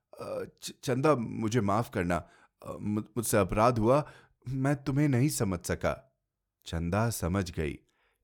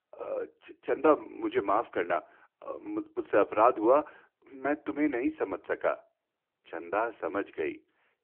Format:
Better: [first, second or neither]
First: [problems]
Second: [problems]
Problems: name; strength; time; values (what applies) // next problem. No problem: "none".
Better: first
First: none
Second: phone-call audio